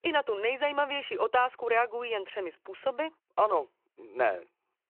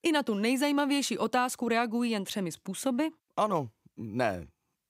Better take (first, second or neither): second